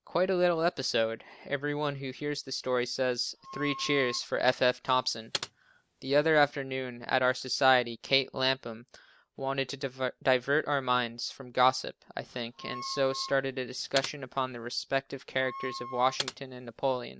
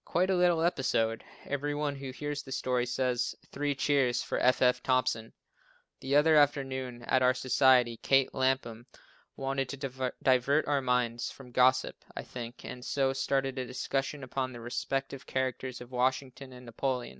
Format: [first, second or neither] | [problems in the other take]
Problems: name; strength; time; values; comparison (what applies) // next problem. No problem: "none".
second | background sound (Wind instrument, woodwind instrument + Computer keyboard); 12 dB below the speech